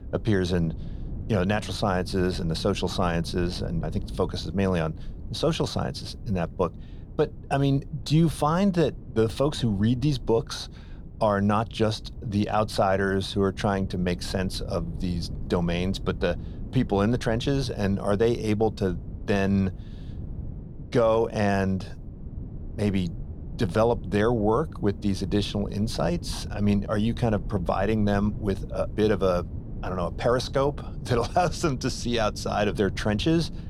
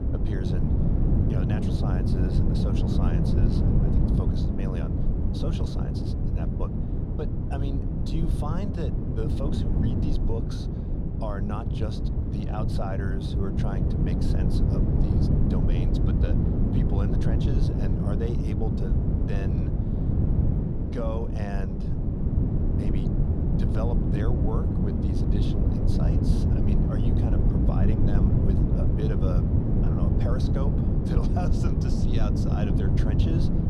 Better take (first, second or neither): first